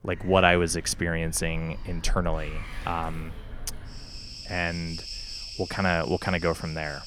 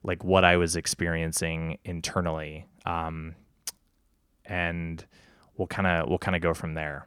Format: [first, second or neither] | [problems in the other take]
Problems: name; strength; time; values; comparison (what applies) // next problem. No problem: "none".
second | animal sounds; noticeable; throughout; 10 dB below the speech